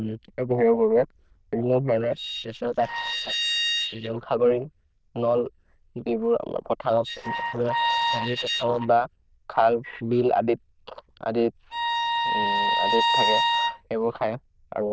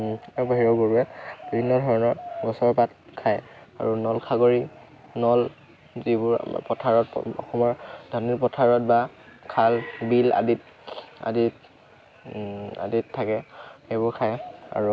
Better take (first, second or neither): second